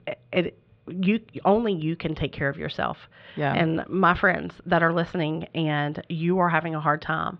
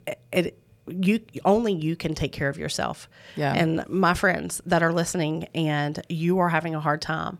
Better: second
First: muffled; very; fading above 3.5 kHz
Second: none

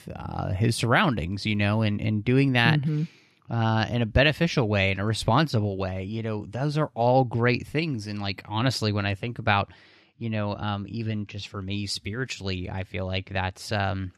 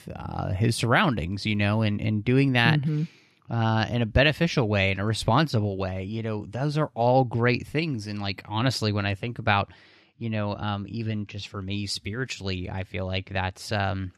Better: neither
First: none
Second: none

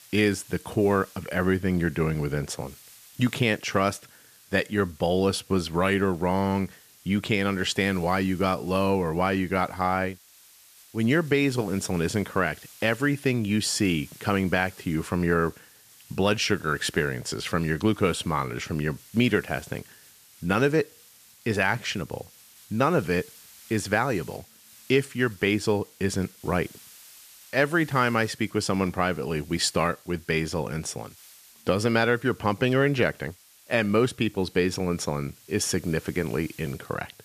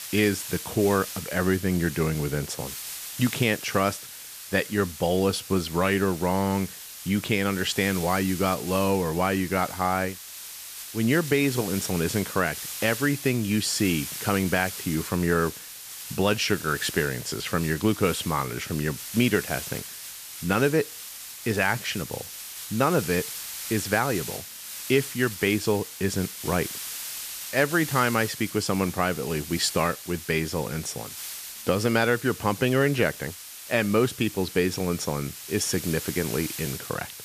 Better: first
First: hiss; faint; throughout; 25 dB below the speech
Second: hiss; loud; throughout; 9 dB below the speech

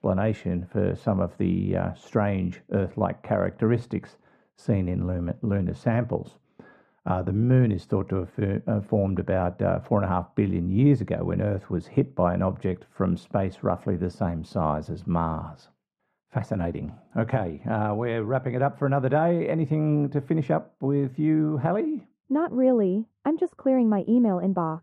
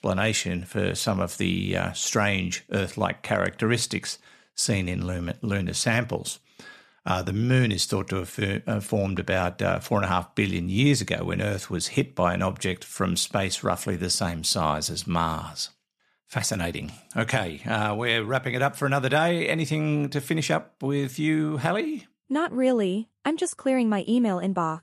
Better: second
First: muffled; very; fading above 2.5 kHz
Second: none

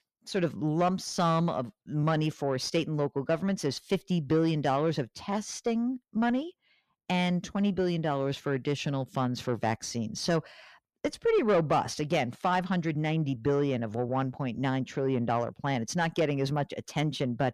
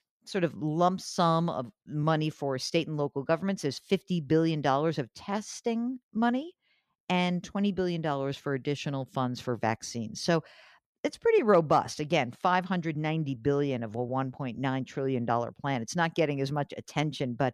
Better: second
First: distortion; slight; 10 dB below the speech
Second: none

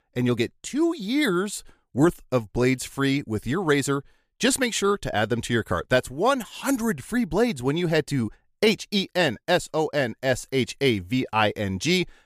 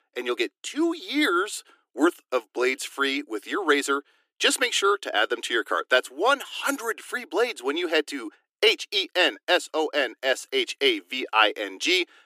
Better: first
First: none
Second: thin; somewhat; fading below 300 Hz

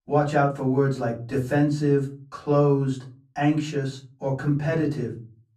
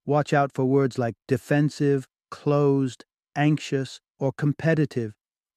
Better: second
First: off-mic speech; far // room echo; very slight; dies away in 0.3 s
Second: none

